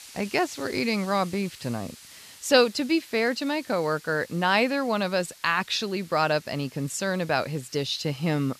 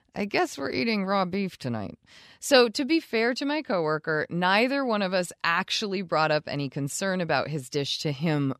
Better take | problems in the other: second | hiss; faint; throughout; 20 dB below the speech

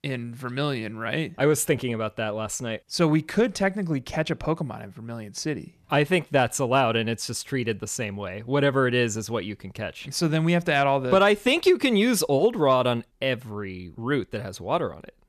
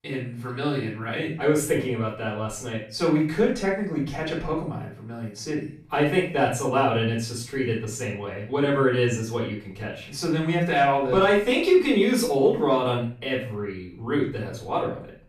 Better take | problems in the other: first | room echo; noticeable; dies away in 0.4 s // off-mic speech; far

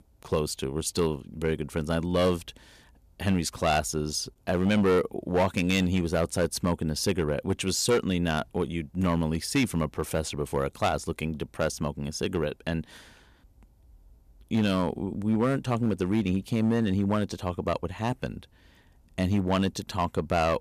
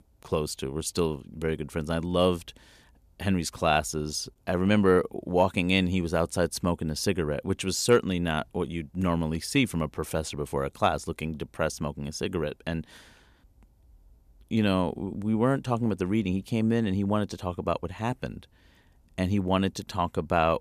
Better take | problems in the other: second | distortion; slight; 4% of the sound clipped

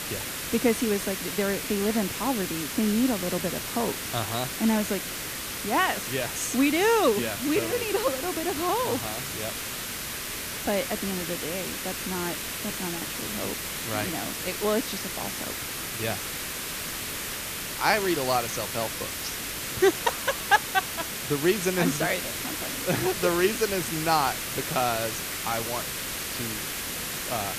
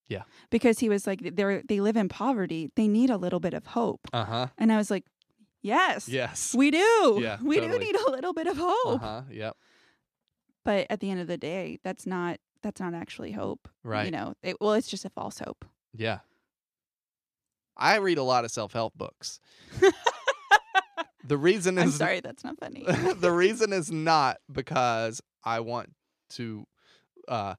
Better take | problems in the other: second | hiss; loud; throughout; 3 dB below the speech

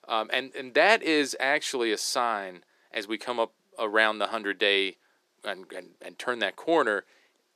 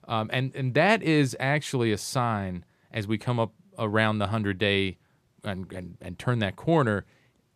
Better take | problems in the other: second | thin; very; fading below 350 Hz

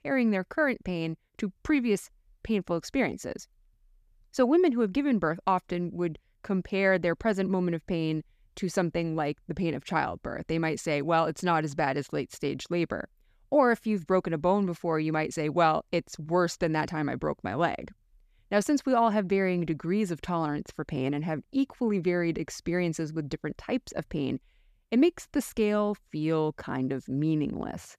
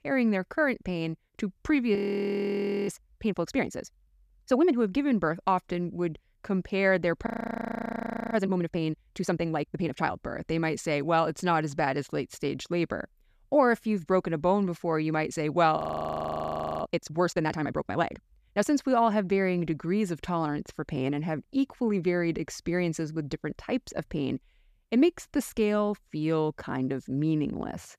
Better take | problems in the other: first | audio freezing; at 2 s for 1 s, at 7.5 s for 1 s and at 16 s for 1 s

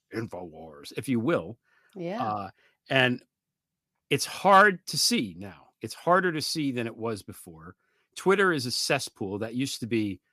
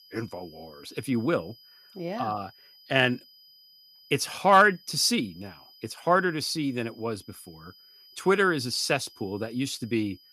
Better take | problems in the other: first | high-pitched whine; faint; throughout; 5 kHz, 25 dB below the speech

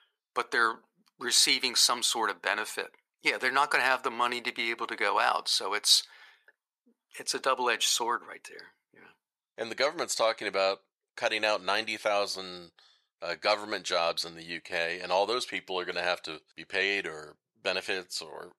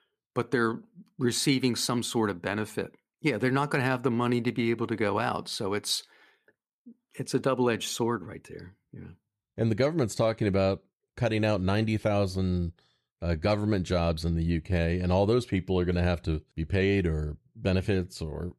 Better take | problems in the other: second | thin; very; fading below 850 Hz

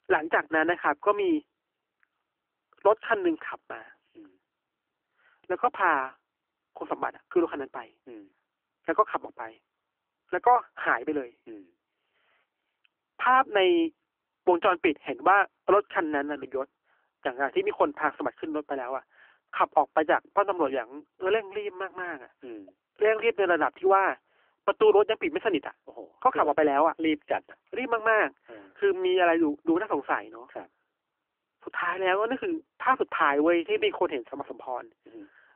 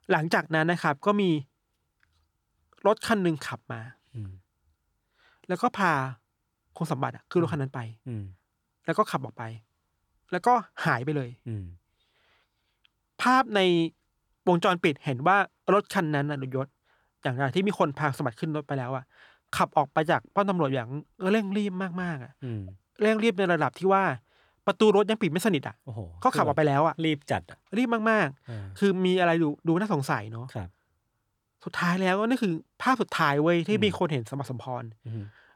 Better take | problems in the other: second | phone-call audio; nothing above 3 kHz

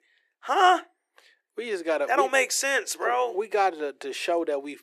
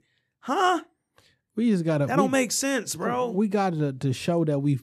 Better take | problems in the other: second | thin; very; fading below 350 Hz

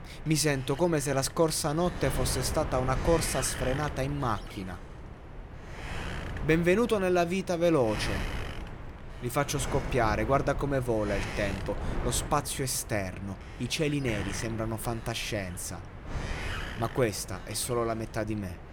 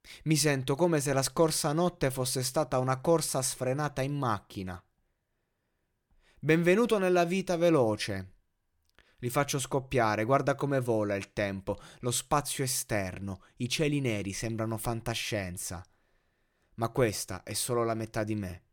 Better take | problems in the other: second | wind noise on the microphone; occasional gusts; 10 dB below the speech

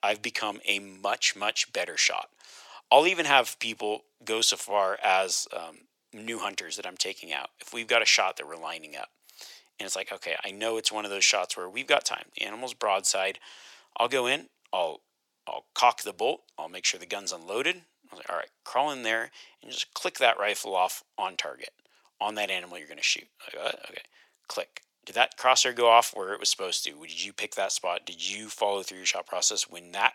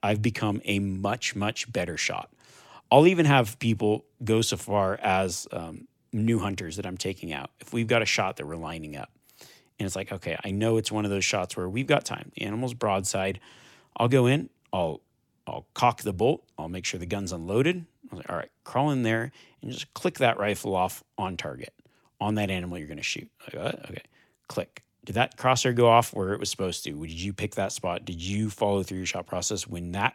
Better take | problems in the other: second | thin; very; fading below 650 Hz

